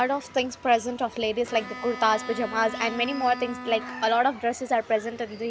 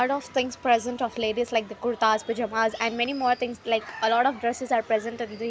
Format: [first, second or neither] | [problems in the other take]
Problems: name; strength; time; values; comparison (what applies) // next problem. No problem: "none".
second | background sound (Bowed string instrument); 13 dB below the speech